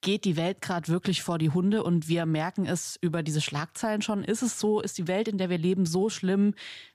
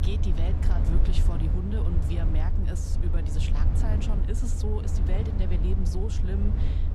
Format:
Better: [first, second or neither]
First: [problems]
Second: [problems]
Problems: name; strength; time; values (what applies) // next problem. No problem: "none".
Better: first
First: none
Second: low rumble; loud; throughout; 1 dB below the speech